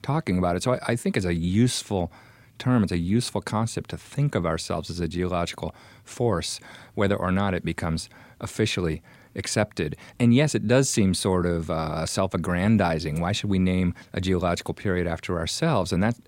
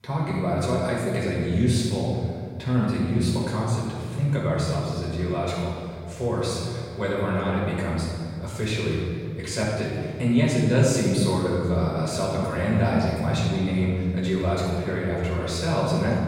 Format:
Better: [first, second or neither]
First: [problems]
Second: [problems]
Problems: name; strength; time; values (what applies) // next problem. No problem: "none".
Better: first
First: none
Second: off-mic speech; far // room echo; strong; dies away in 2 s